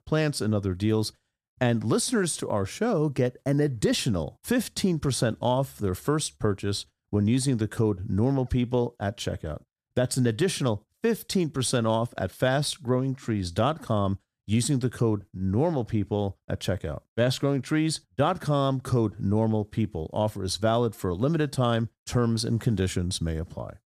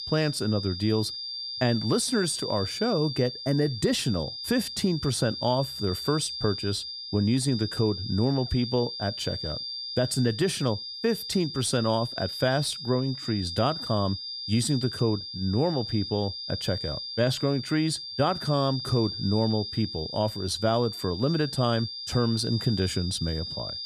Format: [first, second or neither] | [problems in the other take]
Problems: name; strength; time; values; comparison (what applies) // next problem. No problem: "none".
first | high-pitched whine; loud; throughout; 5 kHz, 6 dB below the speech